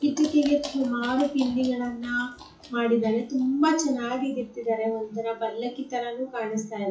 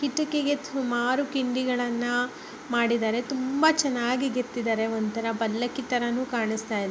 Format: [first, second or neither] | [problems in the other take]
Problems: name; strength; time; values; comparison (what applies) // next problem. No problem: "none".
second | noise reduction (classical method WPE with log-MMSE)